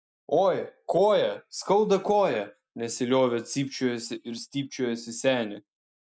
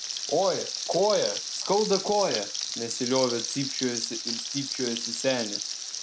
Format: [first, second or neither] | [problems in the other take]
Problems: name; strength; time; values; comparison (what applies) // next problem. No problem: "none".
first | background sound (Frying (food)); 4 dB below the speech